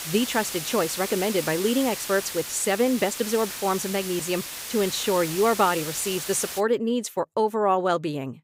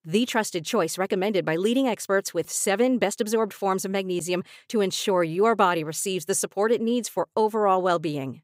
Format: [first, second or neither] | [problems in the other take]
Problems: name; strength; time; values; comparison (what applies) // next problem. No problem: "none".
second | hiss; loud; until 6.5 s; 7 dB below the speech